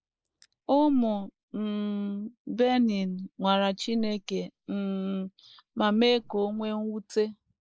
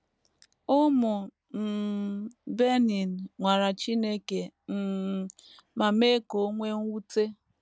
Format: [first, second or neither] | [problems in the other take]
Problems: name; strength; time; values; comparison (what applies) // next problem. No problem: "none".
second | noise reduction (neural mask model Resemble Enhance denoiser)